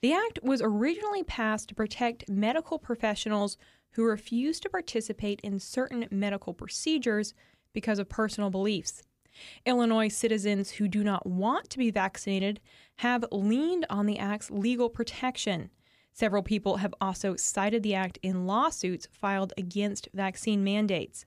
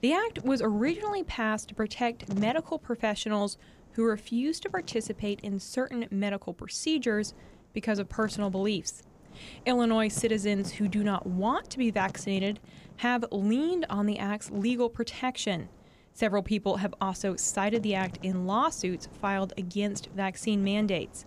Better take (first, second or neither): first